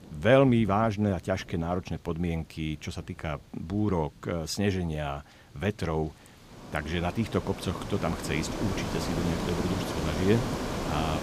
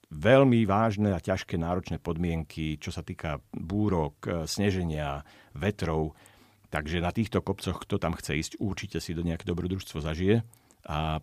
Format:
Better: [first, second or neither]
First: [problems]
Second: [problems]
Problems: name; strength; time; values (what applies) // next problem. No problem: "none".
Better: second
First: rain or running water; loud; throughout; 5 dB below the speech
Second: none